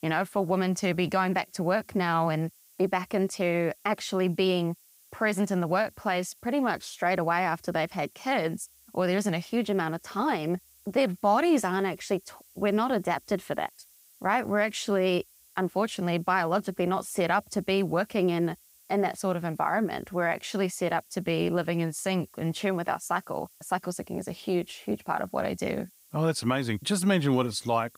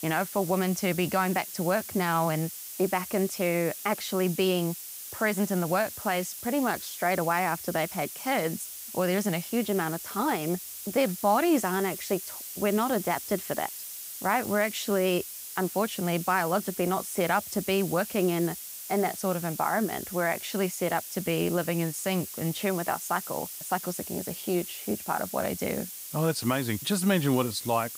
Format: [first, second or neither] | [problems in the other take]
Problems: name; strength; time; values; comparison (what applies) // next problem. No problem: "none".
first | hiss; loud; throughout; 8 dB below the speech; faint in the first